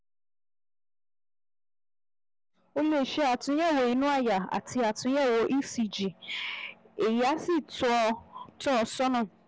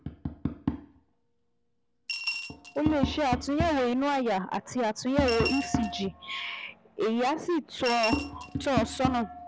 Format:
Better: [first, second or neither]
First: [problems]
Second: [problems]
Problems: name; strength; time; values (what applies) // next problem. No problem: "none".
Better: first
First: none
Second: background sound (Coin (dropping) / Glass + Tap); 5 dB below the speech